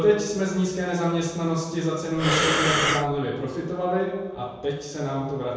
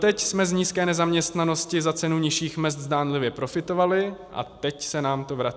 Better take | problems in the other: second | background sound (Breathing); 2 dB above the speech // room echo; dies away in 1.2 s

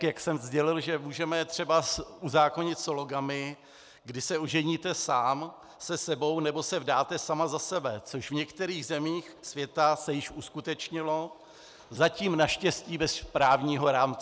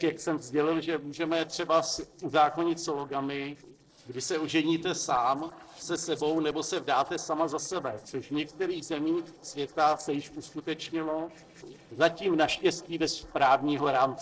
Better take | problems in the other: first | noise reduction (neural separator model SepFormer DNS4)

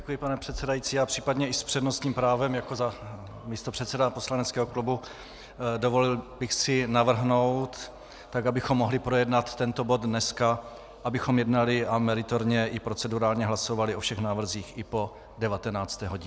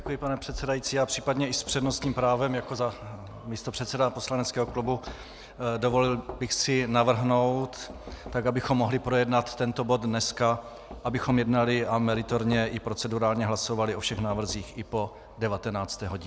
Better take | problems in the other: first | background sound (Knock); 20 dB below the speech

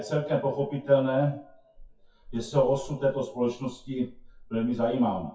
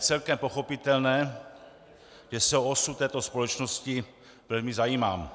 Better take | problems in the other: second | noise reduction (classical method WPE with log-MMSE)

